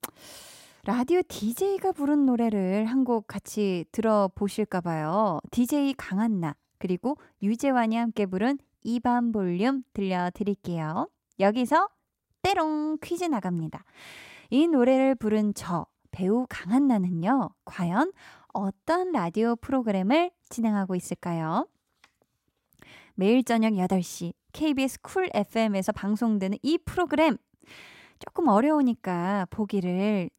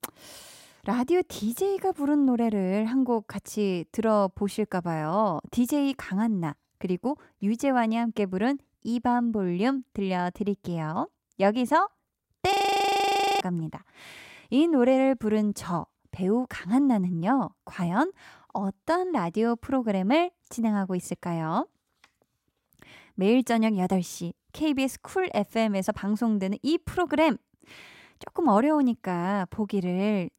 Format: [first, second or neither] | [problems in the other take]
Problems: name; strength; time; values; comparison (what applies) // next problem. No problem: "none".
first | audio freezing; at 13 s for 1 s